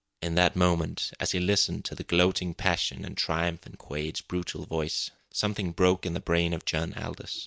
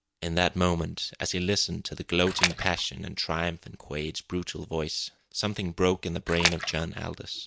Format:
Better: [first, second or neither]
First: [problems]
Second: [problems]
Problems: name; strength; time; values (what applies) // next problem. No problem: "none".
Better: first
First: none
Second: background sound (Splash, splatter); as loud as the speech